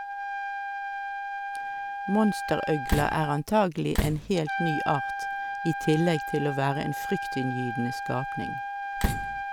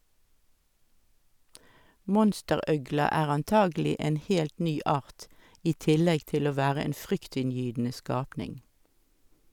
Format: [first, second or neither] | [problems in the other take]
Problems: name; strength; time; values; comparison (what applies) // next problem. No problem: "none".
second | background sound (Trumpet + Slam); 3 dB below the speech